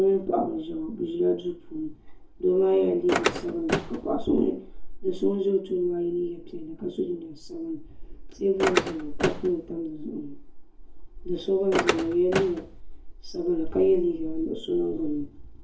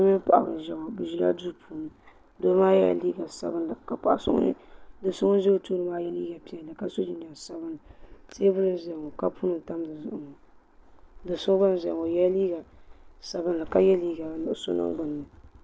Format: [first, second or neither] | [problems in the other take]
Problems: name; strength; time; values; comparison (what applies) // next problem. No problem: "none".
second | background sound (Car); 2 dB below the speech // room echo; dies away in 0.3 s